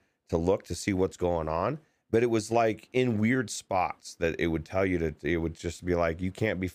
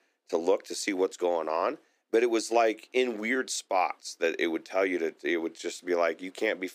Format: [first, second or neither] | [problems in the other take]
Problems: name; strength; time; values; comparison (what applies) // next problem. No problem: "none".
first | thin; somewhat; fading below 300 Hz